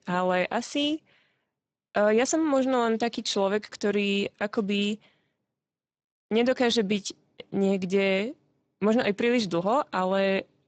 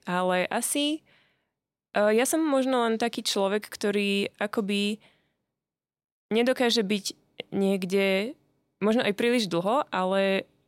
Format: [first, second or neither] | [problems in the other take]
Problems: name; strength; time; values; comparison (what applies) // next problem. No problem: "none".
second | garbled, watery; badly; nothing above 7.5 kHz